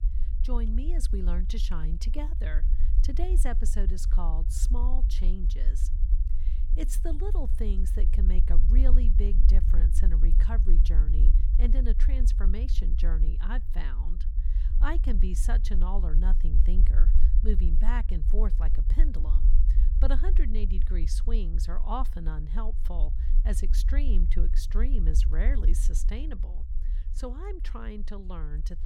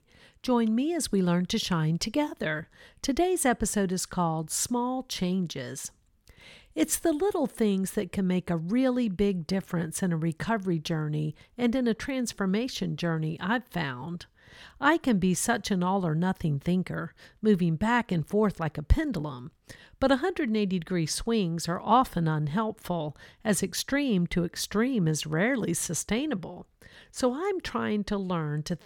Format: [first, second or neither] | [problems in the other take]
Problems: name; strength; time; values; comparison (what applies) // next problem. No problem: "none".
second | low rumble; loud; throughout; 9 dB below the speech